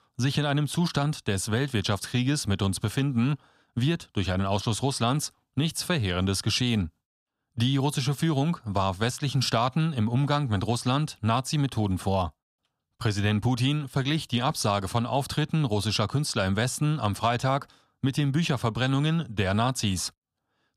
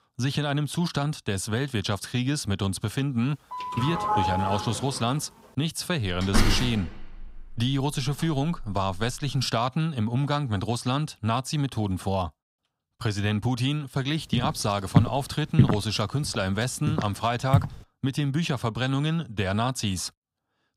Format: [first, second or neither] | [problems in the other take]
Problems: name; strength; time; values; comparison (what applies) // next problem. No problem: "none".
first | doorbell; loud; from 3.5 to 5 s; peak 2 dB above the speech // door banging; loud; from 6 to 9 s; peak 3 dB above the speech // footsteps; loud; from 14 to 18 s; peak 5 dB above the speech